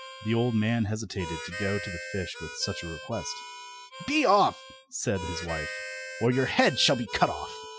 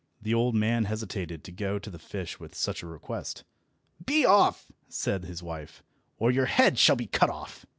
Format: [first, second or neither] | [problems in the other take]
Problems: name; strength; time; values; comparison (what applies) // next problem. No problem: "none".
second | noise reduction (classical method Wiener filter)